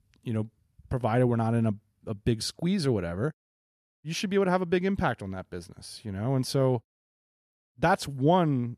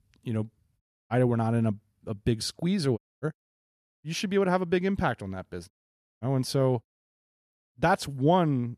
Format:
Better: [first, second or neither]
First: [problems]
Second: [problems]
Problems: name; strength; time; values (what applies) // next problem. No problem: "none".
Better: first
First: none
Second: audio cutting out; at 1 s, at 3 s and at 5.5 s for 0.5 s